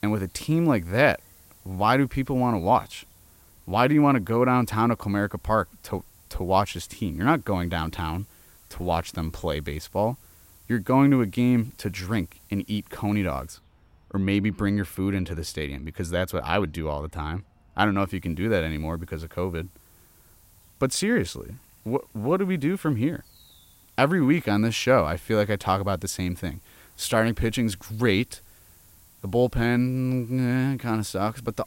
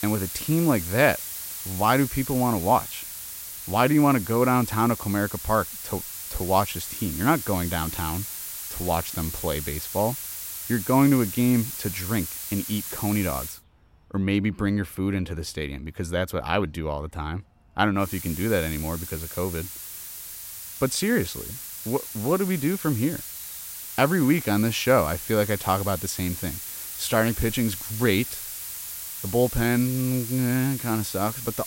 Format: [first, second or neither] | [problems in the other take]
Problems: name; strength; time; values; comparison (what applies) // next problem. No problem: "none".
first | hiss; loud; until 14 s and from 18 s on; 7 dB below the speech; faint in the first